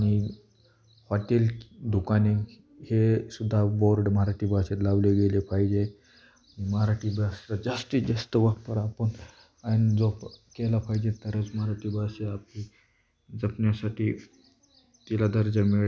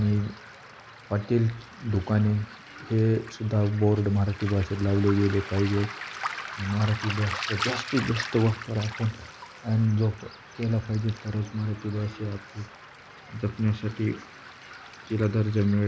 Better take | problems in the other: first | background sound (Waves, surf); 13 dB below the speech

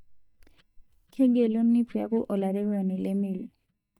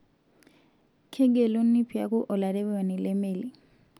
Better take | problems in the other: second | noise reduction (neural mask model DeepFilterNet 3)

